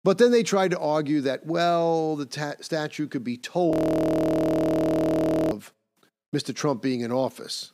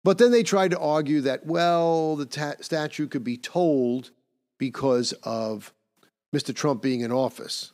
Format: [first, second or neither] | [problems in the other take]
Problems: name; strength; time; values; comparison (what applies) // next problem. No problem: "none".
second | audio freezing; at 3.5 s for 2 s